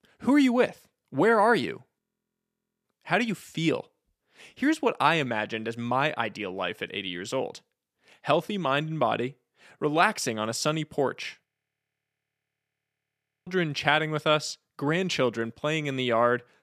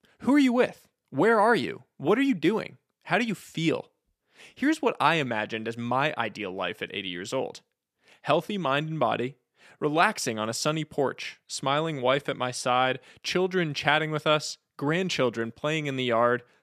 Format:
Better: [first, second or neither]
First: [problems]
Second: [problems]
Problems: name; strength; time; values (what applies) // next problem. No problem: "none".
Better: second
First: audio freezing; at 2 s for 1 s and at 11 s for 2 s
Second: none